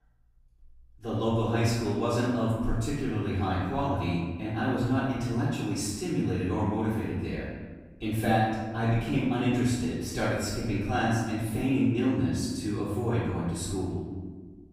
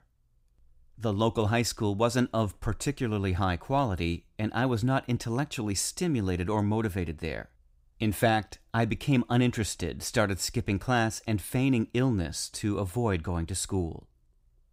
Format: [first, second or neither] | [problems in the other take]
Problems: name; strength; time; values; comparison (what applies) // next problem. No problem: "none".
second | off-mic speech; far // room echo; strong; dies away in 1.4 s